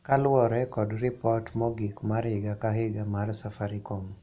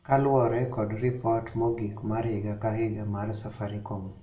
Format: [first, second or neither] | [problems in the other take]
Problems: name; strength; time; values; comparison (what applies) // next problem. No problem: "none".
first | room echo; dies away in 0.6 s